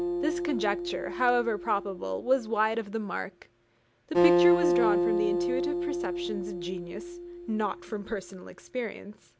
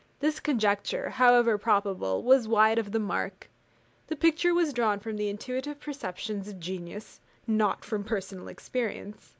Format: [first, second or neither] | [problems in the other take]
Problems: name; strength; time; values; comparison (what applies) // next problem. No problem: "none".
second | background sound (Acoustic guitar); 1 dB above the speech